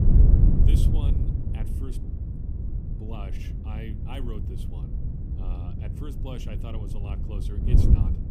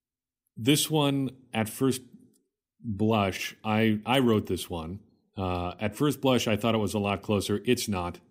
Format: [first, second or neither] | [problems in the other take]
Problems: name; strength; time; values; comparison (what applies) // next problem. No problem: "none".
second | wind noise on the microphone; heavy; 4 dB above the speech